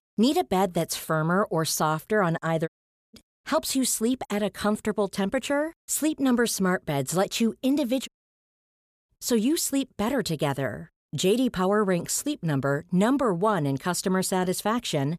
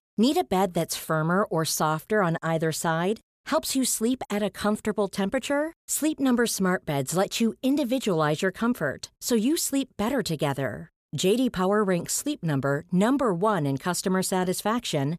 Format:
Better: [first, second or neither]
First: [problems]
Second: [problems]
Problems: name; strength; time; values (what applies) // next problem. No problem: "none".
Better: second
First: audio cutting out; at 2.5 s and at 8 s for 1 s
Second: none